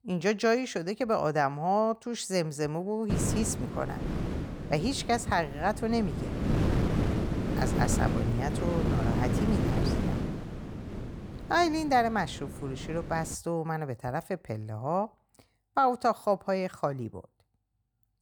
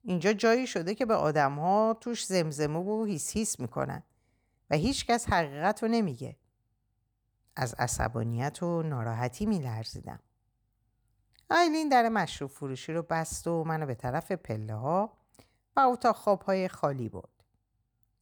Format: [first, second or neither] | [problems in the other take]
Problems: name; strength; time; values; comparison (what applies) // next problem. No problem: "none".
second | wind noise on the microphone; heavy; from 3 to 13 s; 7 dB below the speech